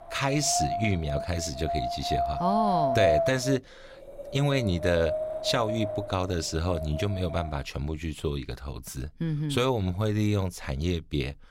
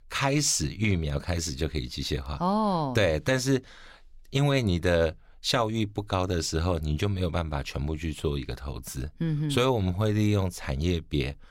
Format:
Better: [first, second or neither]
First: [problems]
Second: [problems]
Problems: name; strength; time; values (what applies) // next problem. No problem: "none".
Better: second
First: wind noise on the microphone; heavy; until 7.5 s; 1 dB above the speech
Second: none